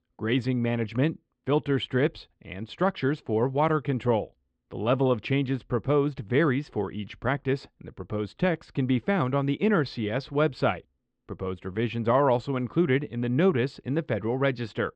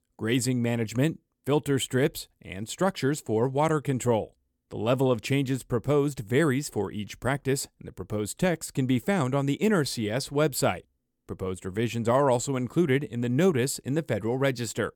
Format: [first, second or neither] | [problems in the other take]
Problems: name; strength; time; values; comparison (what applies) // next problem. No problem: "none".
second | muffled; slightly; fading above 3.5 kHz